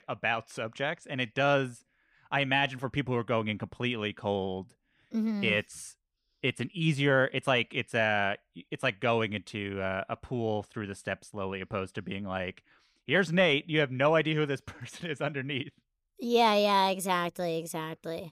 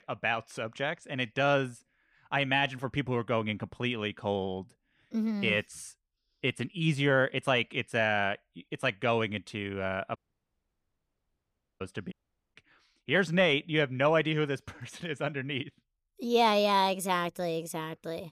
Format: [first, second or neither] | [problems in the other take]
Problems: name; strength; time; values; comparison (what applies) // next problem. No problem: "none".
first | audio cutting out; at 10 s for 1.5 s and at 12 s